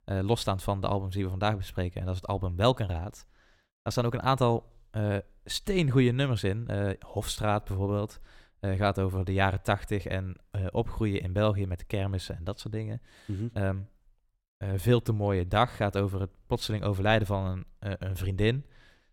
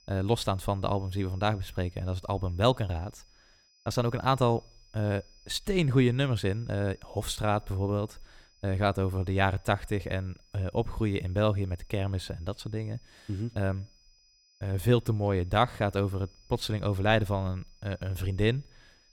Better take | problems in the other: first | high-pitched whine; faint; throughout; 5 kHz, 30 dB below the speech

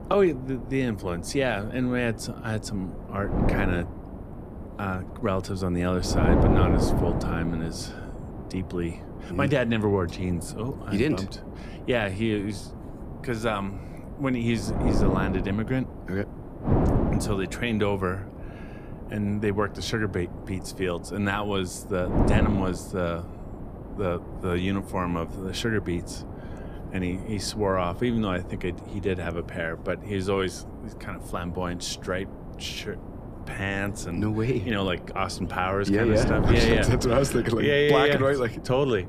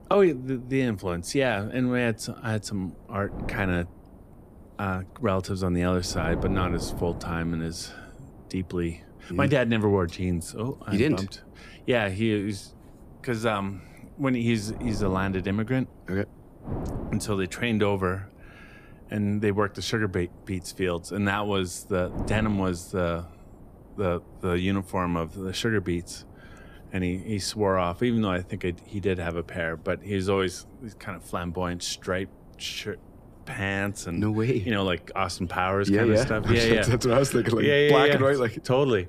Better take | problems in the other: second | wind noise on the microphone; heavy; 8 dB below the speech; occasional gusts in the second

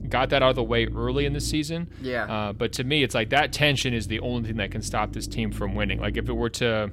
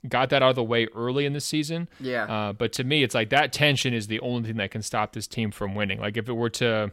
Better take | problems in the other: second | low rumble; faint; throughout; 20 dB below the speech

